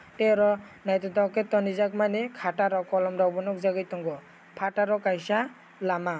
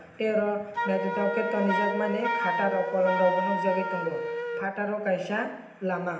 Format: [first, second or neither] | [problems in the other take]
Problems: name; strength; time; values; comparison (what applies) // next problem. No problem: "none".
first | background sound (Wind instrument, woodwind instrument); 3 dB below the speech // room echo; dies away in 0.8 s